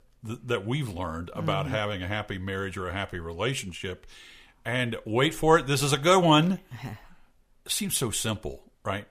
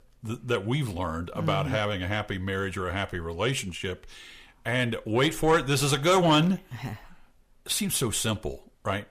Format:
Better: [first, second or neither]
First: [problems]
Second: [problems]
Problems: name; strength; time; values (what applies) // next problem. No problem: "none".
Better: first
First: none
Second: distortion; slight; 10 dB below the speech